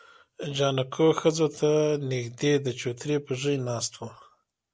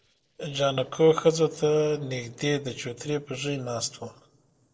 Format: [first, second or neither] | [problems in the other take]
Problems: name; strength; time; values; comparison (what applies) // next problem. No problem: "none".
first | noise reduction (neural separator model SepFormer DNS4)